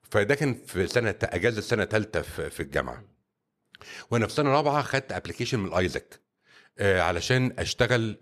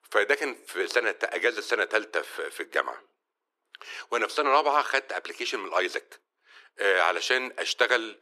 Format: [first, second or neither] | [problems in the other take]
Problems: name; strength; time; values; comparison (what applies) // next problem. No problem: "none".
first | thin; very; fading below 350 Hz